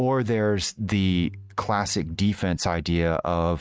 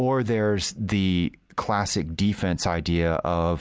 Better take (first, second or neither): second